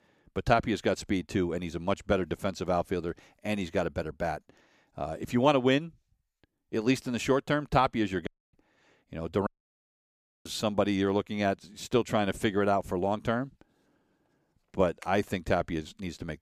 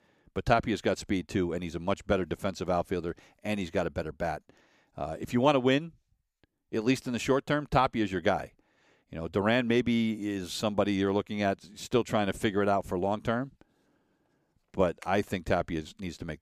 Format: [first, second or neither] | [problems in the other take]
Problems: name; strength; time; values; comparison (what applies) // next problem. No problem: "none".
second | audio cutting out; at 8.5 s and at 9.5 s for 1 s